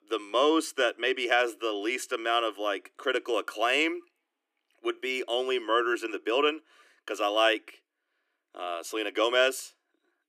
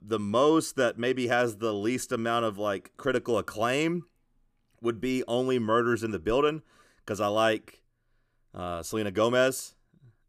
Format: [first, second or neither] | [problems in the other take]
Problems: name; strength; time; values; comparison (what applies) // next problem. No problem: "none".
second | thin; somewhat; fading below 300 Hz